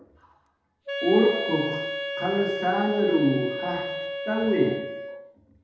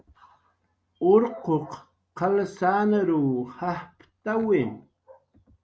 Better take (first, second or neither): second